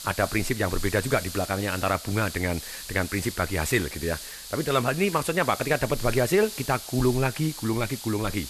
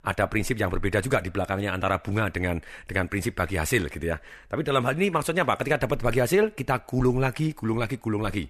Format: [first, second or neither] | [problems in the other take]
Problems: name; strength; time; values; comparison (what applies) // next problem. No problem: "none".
second | hiss; loud; throughout; 10 dB below the speech